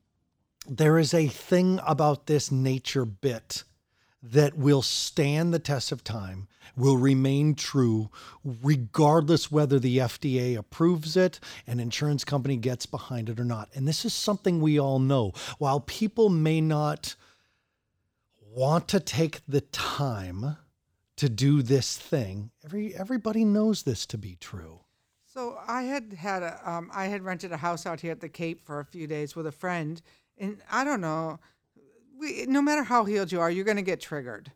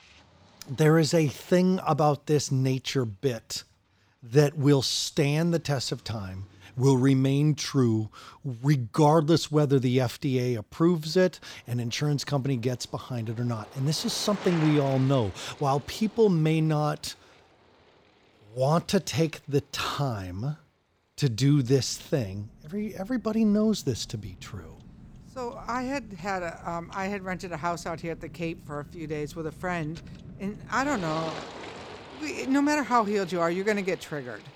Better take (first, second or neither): first